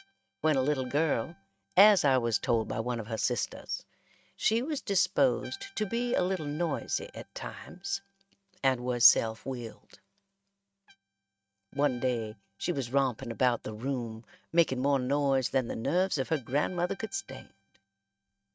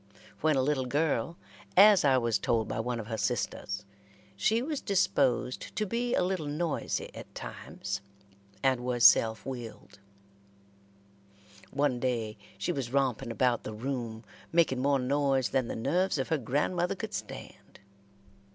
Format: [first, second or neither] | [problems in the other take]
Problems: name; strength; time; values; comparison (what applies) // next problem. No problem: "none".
second | noise reduction (neural mask model RNNoise)